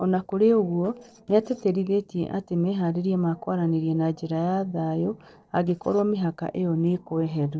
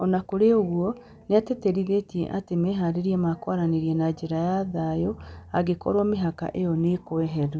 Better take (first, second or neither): second